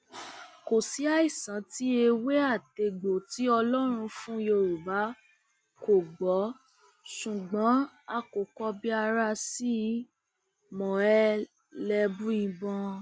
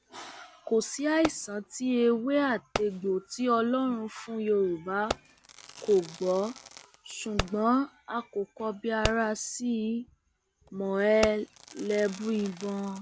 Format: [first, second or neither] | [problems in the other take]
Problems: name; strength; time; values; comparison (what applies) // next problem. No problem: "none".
first | background sound (Fireworks); 12 dB below the speech